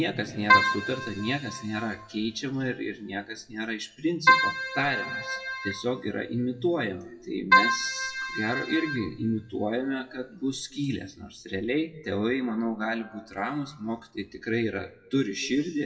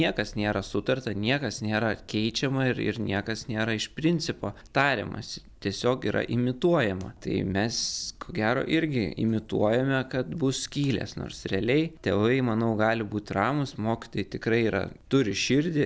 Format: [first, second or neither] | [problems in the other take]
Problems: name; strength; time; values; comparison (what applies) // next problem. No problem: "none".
second | noise reduction (classical method WPE with log-MMSE)